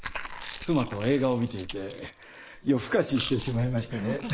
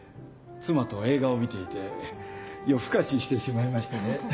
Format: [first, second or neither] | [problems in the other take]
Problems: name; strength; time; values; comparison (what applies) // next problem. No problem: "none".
second | noise reduction (neural mask model Resemble Enhance denoiser)